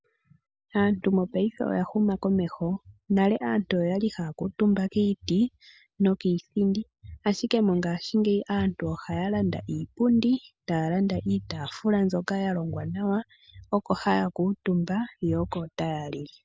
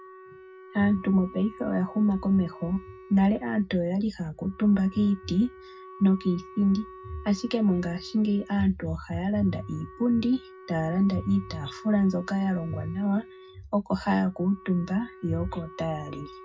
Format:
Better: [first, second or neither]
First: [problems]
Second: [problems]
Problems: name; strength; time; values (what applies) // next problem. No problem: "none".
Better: first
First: none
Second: background sound (Wind instrument, woodwind instrument); 20 dB below the speech // room echo; dies away in 0.4 s